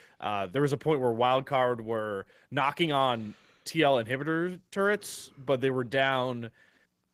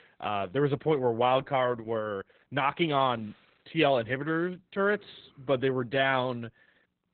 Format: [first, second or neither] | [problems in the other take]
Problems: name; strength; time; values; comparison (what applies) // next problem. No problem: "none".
first | garbled, watery; badly; nothing above 3.5 kHz; slightly in the first